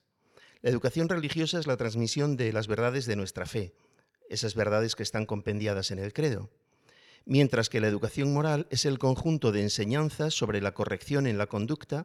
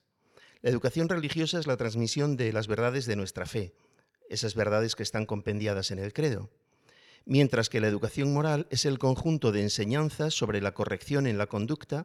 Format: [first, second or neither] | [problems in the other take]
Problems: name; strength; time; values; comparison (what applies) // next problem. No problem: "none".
neither | none